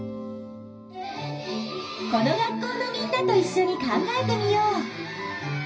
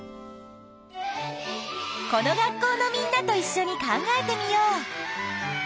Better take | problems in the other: second | room echo; dies away in 0.4 s

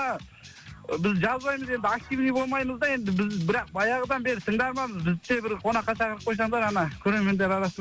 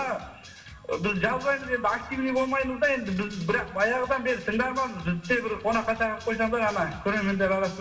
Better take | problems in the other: first | room echo; dies away in 1 s

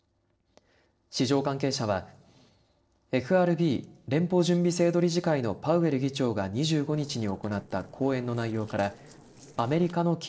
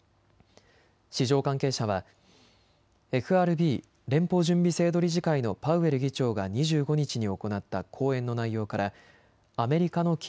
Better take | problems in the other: second | noise reduction (neural separator model SepFormer DNS4)

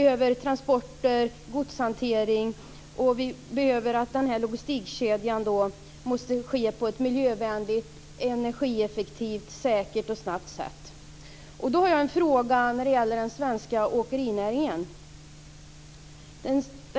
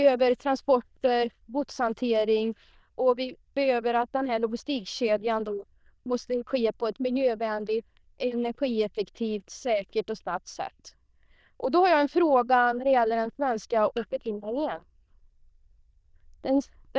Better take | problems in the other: first | noise reduction (neural diffusion model UNIVERSE++)

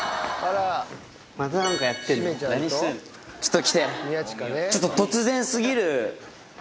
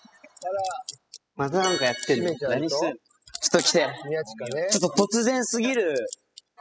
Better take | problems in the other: first | noise reduction (classical method spectral subtraction)

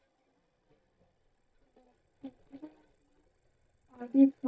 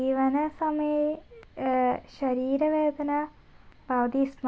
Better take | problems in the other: second | noise reduction (neural mask model DeepFilterNet 3)

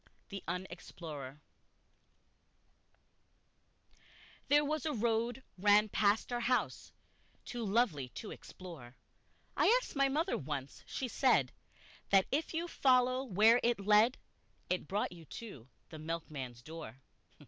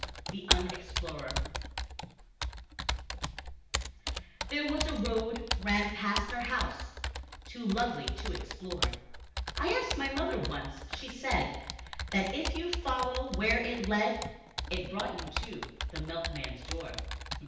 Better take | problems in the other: first | background sound (Computer keyboard); 2 dB below the speech // room echo; dies away in 0.9 s

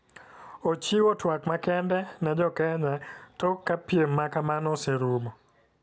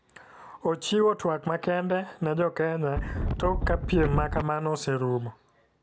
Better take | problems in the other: first | background sound (Wind); 1 dB below the speech

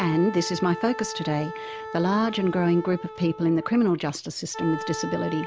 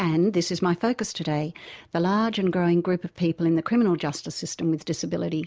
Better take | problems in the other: second | background sound (Wind instrument, woodwind instrument); 11 dB below the speech

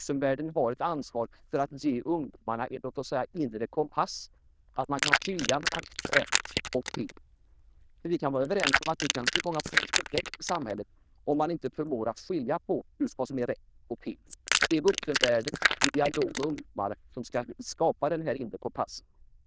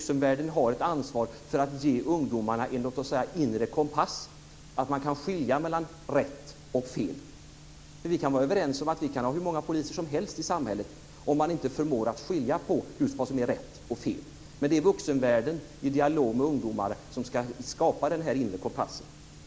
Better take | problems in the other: second | noise reduction (neural diffusion model UNIVERSE++)

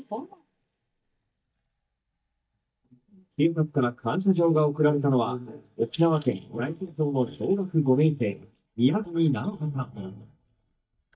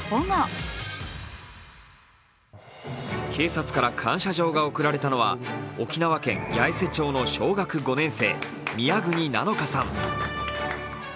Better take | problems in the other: second | noise reduction (neural mask model DeepFilterNet 3)

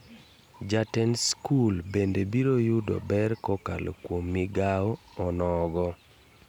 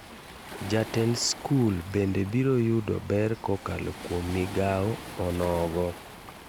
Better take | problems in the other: first | background sound (Waves, surf); 14 dB below the speech

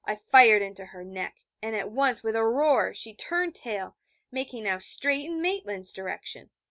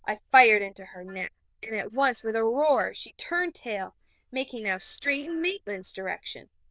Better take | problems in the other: first | noise reduction (neural diffusion model UNIVERSE++)

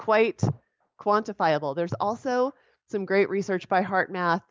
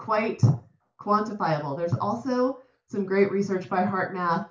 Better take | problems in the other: first | room echo; dies away in 0.3 s

